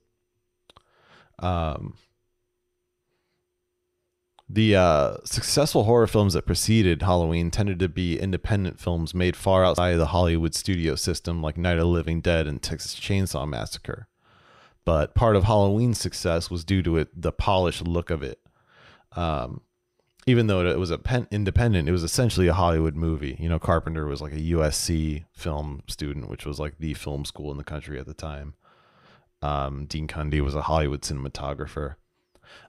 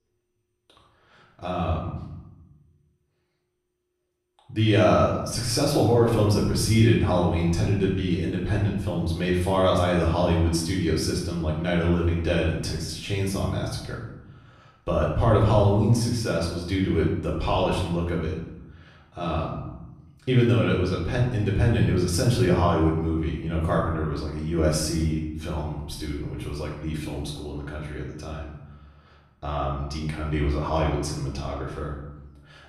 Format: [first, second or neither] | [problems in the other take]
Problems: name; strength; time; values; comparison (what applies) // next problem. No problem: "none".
first | off-mic speech; far // room echo; noticeable; dies away in 0.9 s